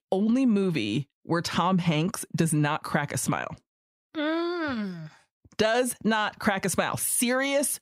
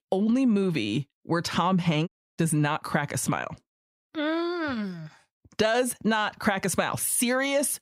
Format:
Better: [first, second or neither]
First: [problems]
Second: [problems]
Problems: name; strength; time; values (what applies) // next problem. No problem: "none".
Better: first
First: none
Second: audio cutting out; at 2 s